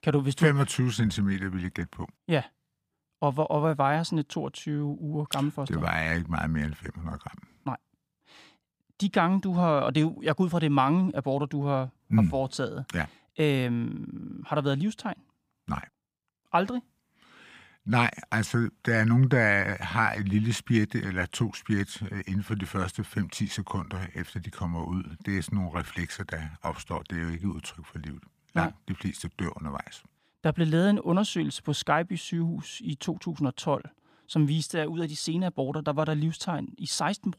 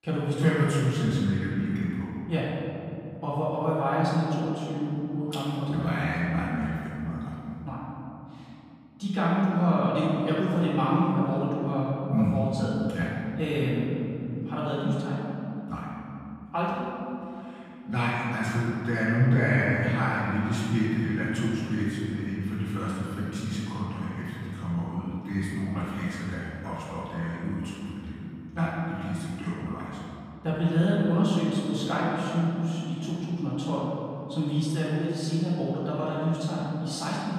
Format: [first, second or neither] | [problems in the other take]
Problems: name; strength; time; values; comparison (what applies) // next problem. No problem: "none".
first | off-mic speech; far // room echo; strong; dies away in 3 s